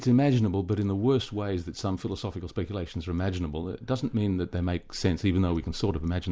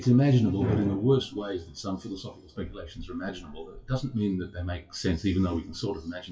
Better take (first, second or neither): first